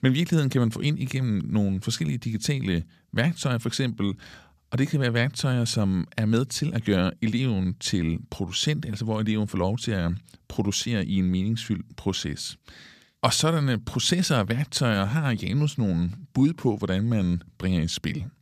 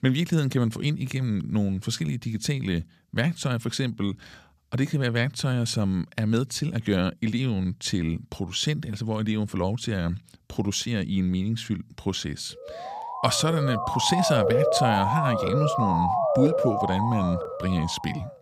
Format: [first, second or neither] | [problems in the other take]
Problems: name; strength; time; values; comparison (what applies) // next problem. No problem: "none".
first | siren; loud; from 13 s on; peak 4 dB above the speech